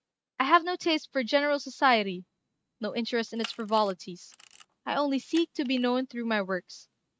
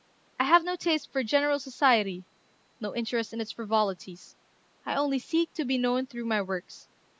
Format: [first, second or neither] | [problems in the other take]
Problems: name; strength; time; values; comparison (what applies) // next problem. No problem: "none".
second | noise reduction (neural mask model RNNoise)